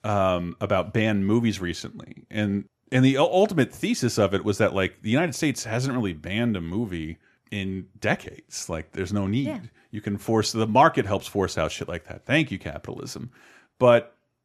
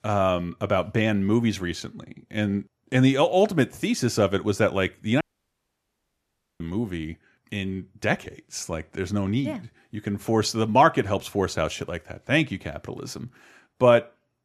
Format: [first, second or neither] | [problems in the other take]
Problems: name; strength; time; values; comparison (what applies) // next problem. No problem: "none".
first | audio cutting out; at 5 s for 1.5 s